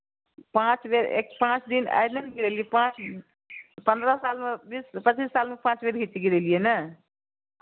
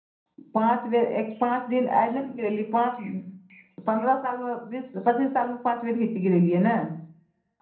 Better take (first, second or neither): first